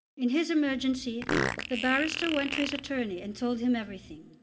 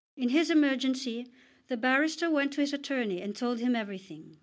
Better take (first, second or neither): second